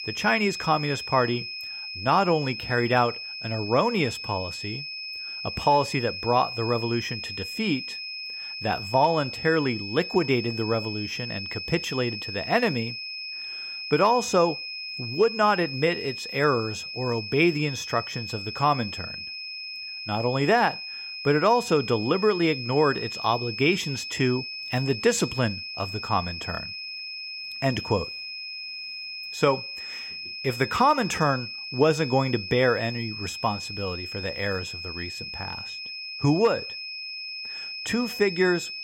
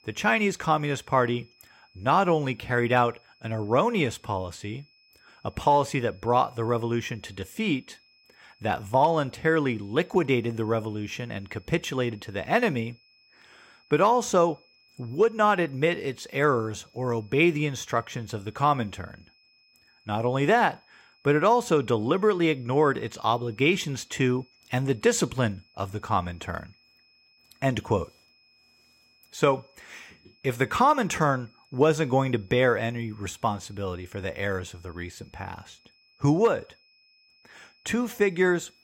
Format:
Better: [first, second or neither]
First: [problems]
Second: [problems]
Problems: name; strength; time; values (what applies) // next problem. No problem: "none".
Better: second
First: high-pitched whine; loud; throughout; 5 kHz, 8 dB below the speech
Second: high-pitched whine; faint; throughout; 5 kHz, 35 dB below the speech